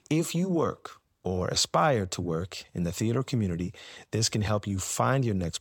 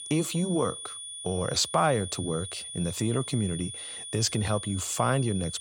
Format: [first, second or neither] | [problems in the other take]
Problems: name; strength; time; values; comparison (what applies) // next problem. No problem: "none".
first | high-pitched whine; loud; throughout; 9.5 kHz, 8 dB below the speech